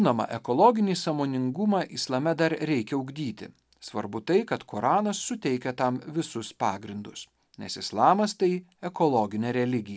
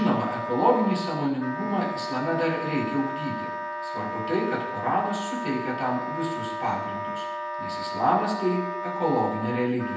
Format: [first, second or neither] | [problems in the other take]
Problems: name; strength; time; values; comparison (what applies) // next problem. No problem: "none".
first | background sound (Wind instrument, woodwind instrument); 5 dB below the speech // room echo; dies away in 0.9 s